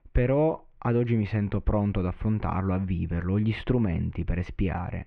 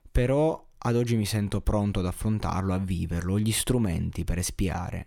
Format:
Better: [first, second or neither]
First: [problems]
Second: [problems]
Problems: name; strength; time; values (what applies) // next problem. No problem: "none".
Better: second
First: muffled; very; fading above 2.5 kHz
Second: none